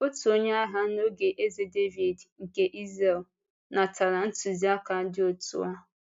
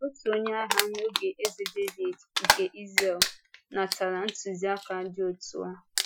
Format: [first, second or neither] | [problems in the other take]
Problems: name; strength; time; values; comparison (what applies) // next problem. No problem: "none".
first | noise reduction (classical method Wiener filter)